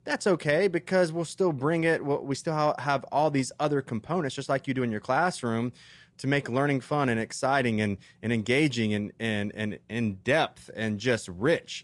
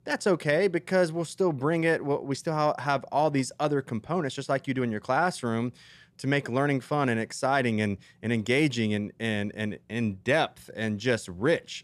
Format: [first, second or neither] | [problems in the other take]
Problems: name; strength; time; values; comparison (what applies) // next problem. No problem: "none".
second | garbled, watery; slightly; nothing above 10 kHz